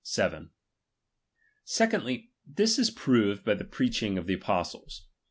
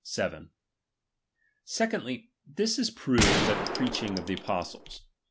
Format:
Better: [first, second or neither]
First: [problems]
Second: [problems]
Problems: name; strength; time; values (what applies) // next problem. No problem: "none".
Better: first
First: none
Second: background sound (Gunshot, gunfire); 2 dB above the speech